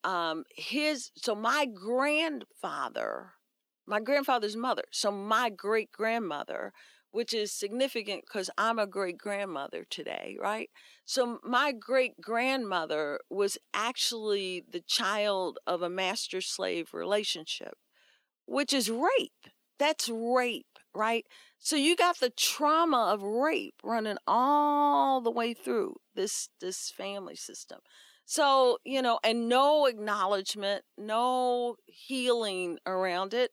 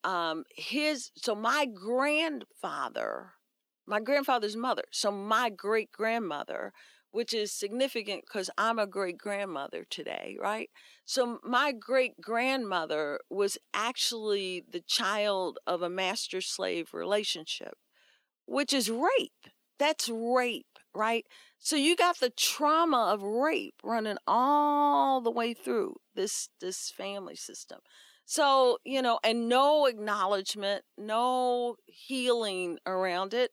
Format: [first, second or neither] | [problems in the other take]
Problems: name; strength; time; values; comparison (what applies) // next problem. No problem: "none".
neither | thin; very slightly; fading below 300 Hz; the same in both